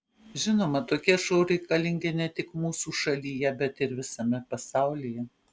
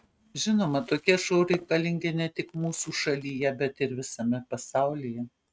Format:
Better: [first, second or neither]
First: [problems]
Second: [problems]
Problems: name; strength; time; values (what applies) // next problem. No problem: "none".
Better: first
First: none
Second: noise reduction (neural mask model RNNoise)